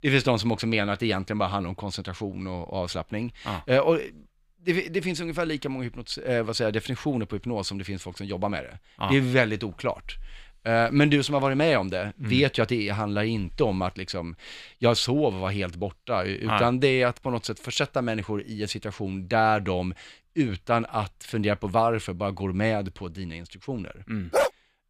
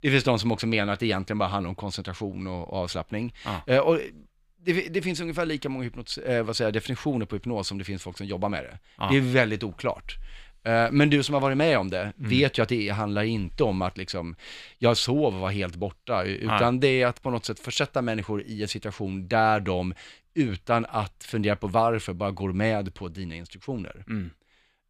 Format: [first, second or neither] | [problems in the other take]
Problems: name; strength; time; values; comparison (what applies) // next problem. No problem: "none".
second | dog barking; loud; at 24 s; peak 1 dB above the speech